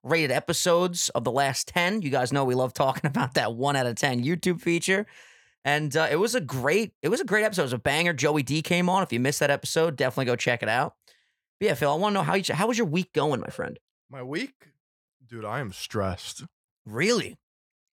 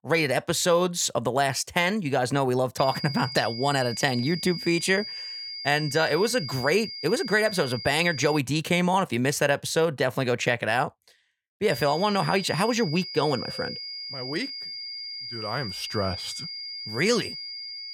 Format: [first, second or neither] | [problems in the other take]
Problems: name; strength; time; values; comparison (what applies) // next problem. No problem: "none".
first | high-pitched whine; loud; from 3 to 8.5 s and from 12 s on; 5 kHz, 9 dB below the speech